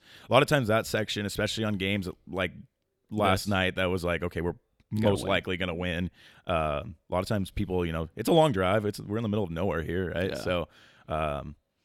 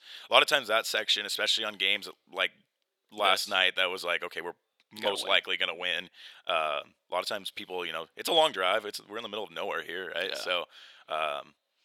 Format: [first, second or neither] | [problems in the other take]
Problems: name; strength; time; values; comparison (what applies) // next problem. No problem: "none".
first | thin; very; fading below 650 Hz